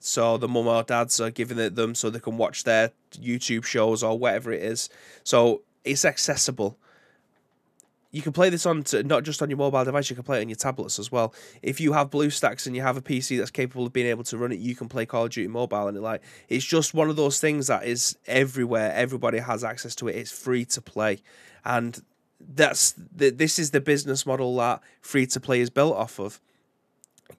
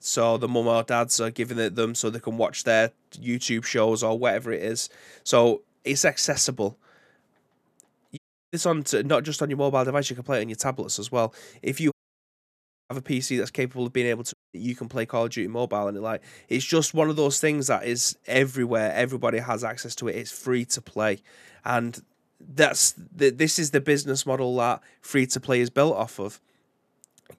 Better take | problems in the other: first | audio cutting out; at 8 s, at 12 s for 1 s and at 14 s

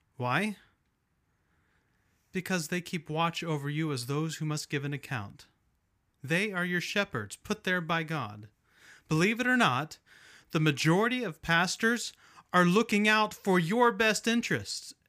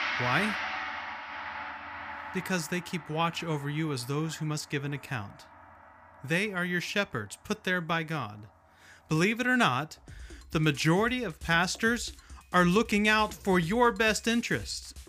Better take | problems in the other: first | background music; noticeable; throughout; 10 dB below the speech

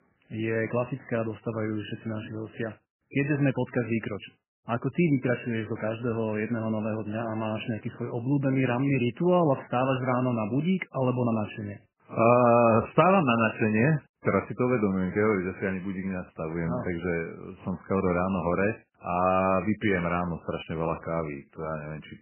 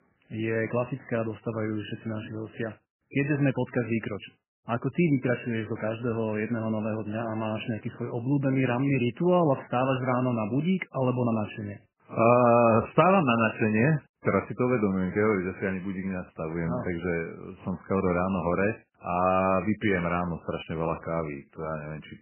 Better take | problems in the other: neither | garbled, watery; badly; nothing above 3 kHz; the same in both

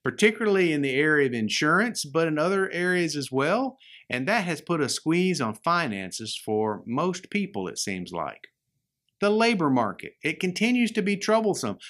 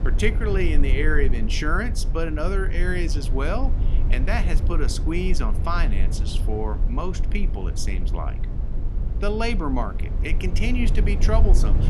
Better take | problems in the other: first | low rumble; noticeable; throughout; 10 dB below the speech

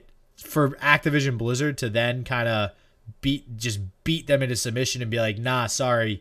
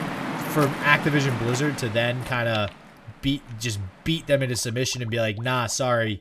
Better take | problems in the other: first | rain or running water; loud; throughout; 7 dB below the speech

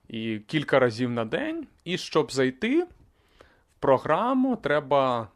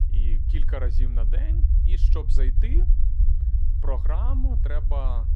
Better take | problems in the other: first | low rumble; loud; throughout; 6 dB below the speech

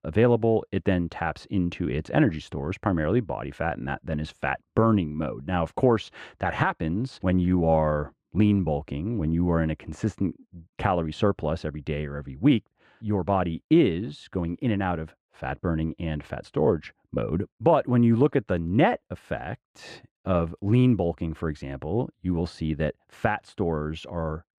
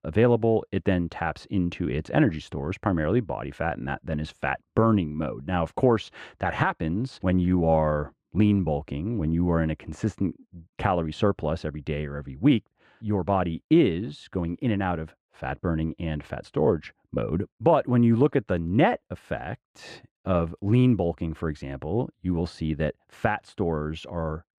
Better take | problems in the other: neither | muffled; slightly; fading above 1.5 kHz; the same in both

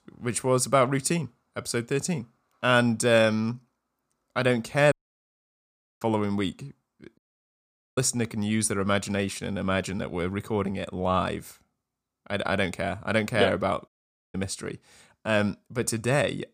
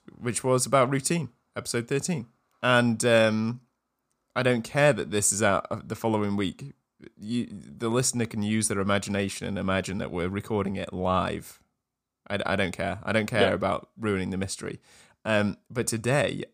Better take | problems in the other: second | audio cutting out; at 5 s for 1 s, at 7 s for 1 s and at 14 s

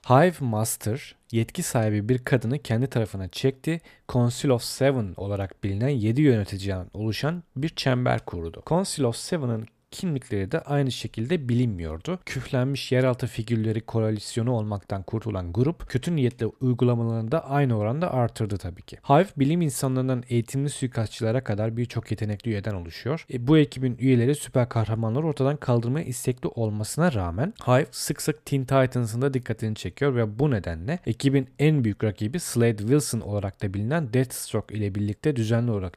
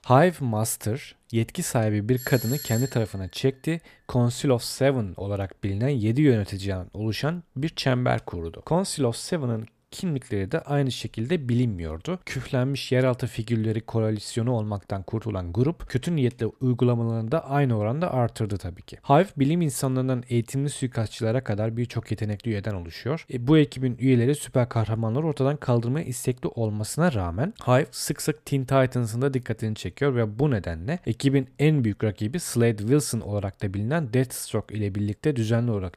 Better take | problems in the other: first | doorbell; noticeable; at 2 s; peak 7 dB below the speech

